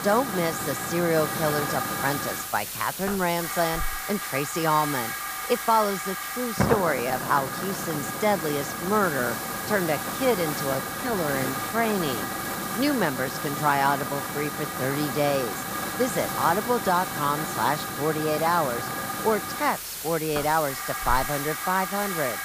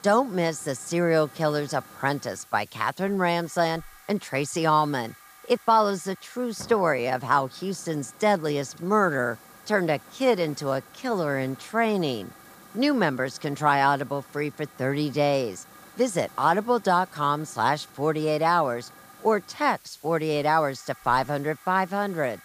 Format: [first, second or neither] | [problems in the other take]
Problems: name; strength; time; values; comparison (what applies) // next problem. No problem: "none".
second | hiss; loud; throughout; 3 dB below the speech; faint in the second